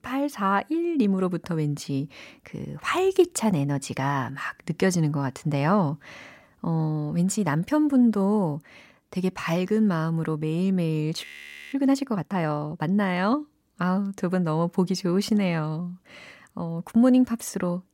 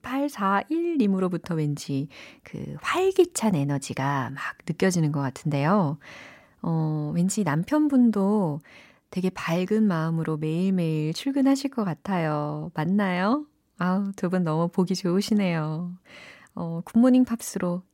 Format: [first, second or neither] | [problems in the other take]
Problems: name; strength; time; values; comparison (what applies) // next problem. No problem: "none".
second | audio freezing; at 11 s